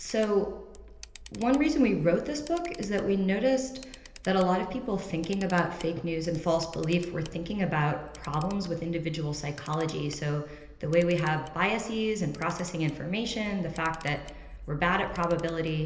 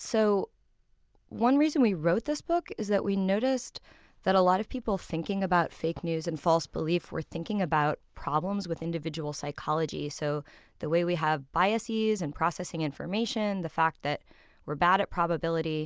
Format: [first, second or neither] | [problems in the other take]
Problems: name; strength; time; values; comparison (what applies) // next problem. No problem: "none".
second | background sound (Camera); 18 dB below the speech // room echo; dies away in 1.4 s